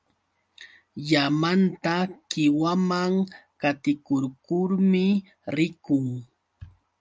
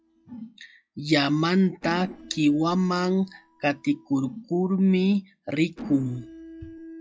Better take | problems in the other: first | noise reduction (classical method log-MMSE)

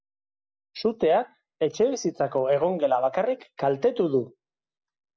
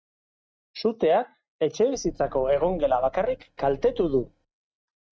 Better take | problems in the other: first | noise reduction (neural mask model RNNoise)

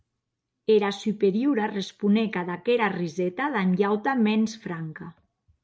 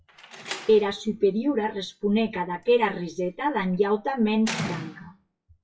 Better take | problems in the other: first | noise reduction (classical method WPE with log-MMSE)

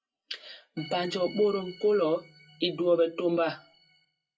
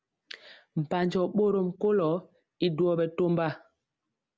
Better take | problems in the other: second | noise reduction (classical method WPE with log-MMSE)

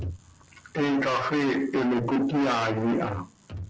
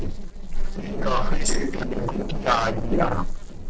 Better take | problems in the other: first | noise reduction (neural separator model SepFormer DNS4)

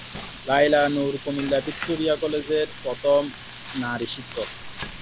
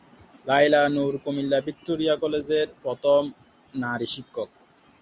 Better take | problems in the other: second | background sound (Frying (food)); 13 dB below the speech

